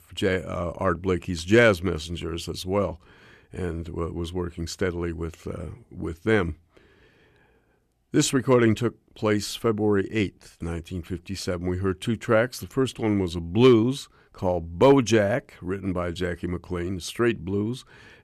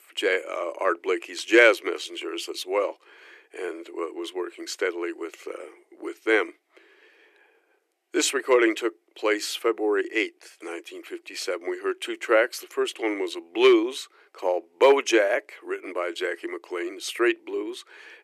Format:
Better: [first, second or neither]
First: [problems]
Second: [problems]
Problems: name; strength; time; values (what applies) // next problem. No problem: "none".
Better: first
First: none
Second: thin; very; fading below 350 Hz